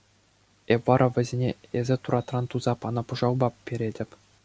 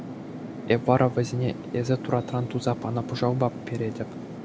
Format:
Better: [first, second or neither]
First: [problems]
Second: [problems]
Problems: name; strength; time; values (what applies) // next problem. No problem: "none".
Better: first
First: none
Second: background sound (Fixed-wing aircraft, airplane); 10 dB below the speech